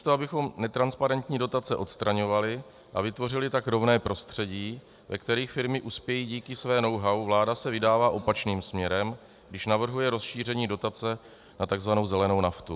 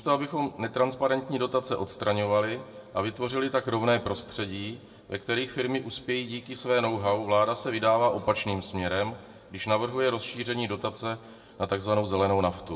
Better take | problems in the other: first | room echo; dies away in 1.1 s

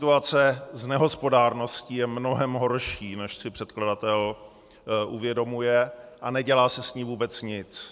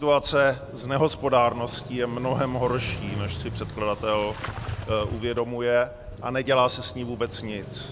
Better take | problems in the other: first | background sound (Engine starting / Motorcycle); 10 dB below the speech

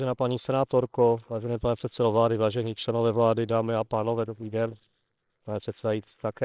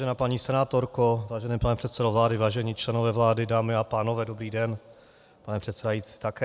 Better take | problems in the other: second | noise reduction (neural separator model SepFormer WHAMR!)

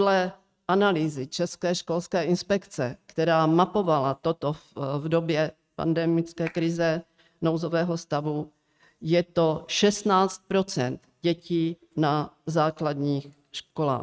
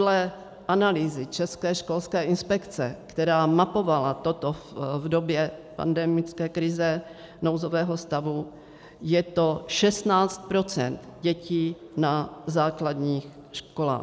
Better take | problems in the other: second | noise reduction (neural mask model RNNoise)

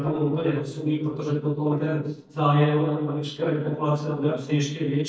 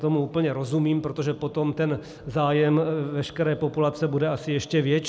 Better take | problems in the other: second | noise reduction (neural mask model DeepFilterNet 3)

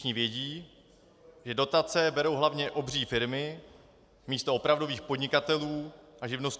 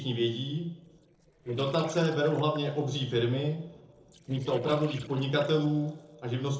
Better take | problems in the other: first | noise reduction (neural separator model SepFormer DNS4)

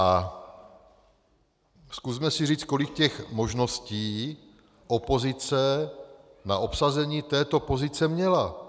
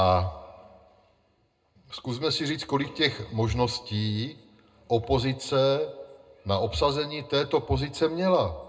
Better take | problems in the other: first | room echo; dies away in 0.2 s

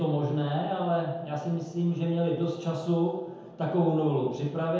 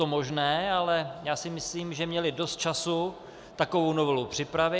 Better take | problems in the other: second | room echo; dies away in 0.9 s

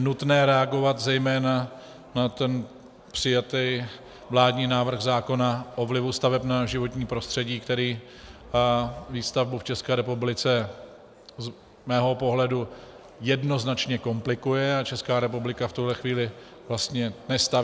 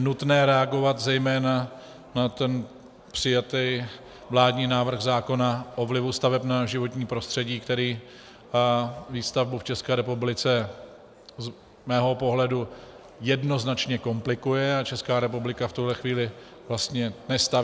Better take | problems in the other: second | background sound (Wind); 19 dB below the speech

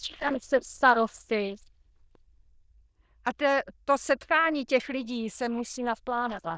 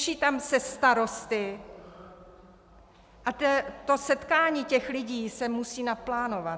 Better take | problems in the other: second | noise reduction (neural diffusion model UNIVERSE++)

